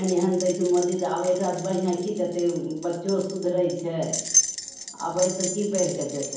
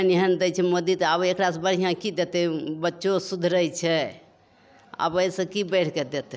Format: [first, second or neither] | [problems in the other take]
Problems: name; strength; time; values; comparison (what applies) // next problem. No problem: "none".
second | background sound (Keys jangling); 6 dB below the speech // room echo; dies away in 1.2 s